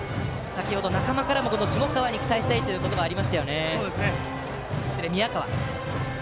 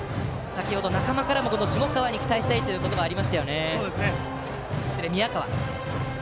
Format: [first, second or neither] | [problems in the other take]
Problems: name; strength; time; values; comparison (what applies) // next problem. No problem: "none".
second | background sound (Electric guitar); 20 dB below the speech